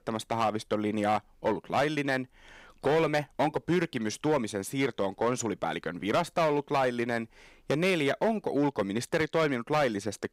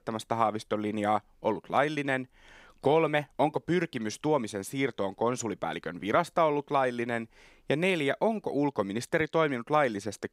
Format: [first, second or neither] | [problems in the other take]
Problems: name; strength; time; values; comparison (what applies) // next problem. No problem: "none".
second | distortion; slight; 6% of the sound clipped